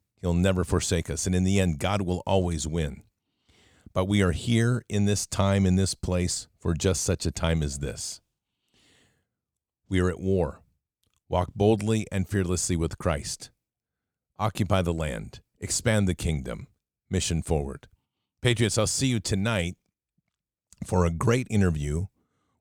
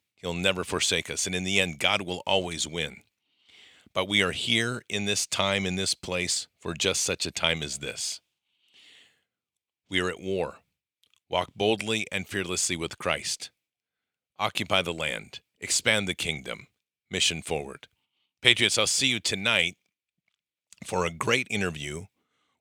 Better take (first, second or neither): first